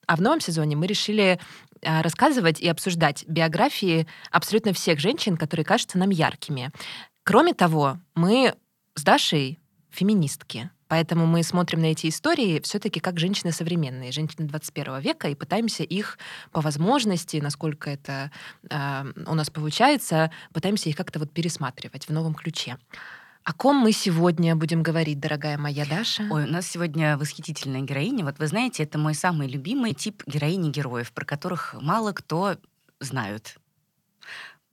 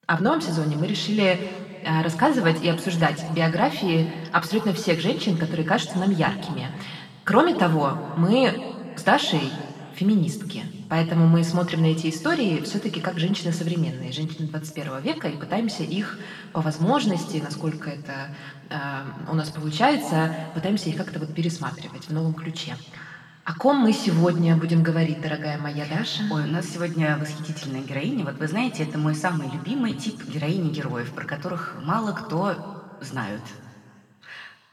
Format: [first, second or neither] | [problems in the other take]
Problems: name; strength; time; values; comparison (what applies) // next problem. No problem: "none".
first | room echo; slight; dies away in 1.9 s // off-mic speech; somewhat distant